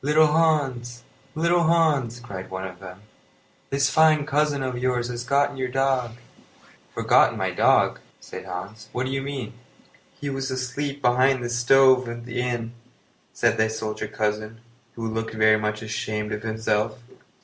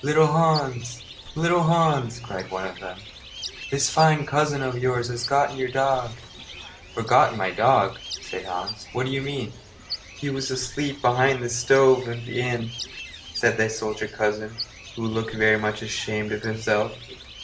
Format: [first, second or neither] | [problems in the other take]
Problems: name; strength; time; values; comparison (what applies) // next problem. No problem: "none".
first | background sound (Bird); 16 dB below the speech